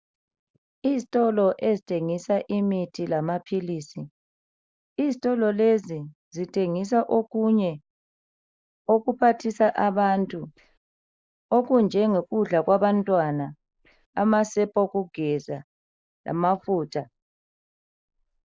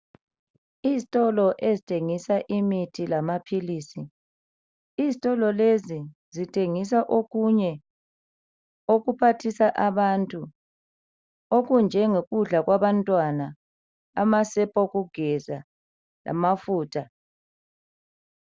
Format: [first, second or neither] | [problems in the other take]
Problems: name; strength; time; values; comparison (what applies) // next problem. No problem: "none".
second | noise reduction (neural mask model Resemble Enhance denoiser)